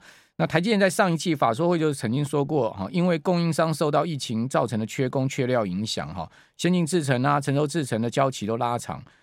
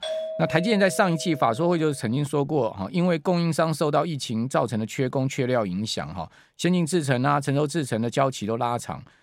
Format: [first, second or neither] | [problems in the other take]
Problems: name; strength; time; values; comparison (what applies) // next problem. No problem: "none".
first | doorbell; noticeable; until 2 s; peak 6 dB below the speech